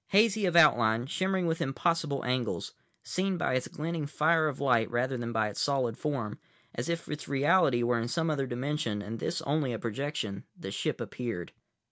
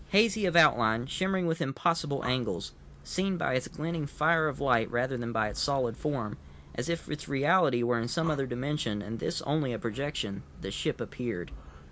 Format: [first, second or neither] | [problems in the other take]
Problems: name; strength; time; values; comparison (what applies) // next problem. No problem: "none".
first | background sound (Breathing); 18 dB below the speech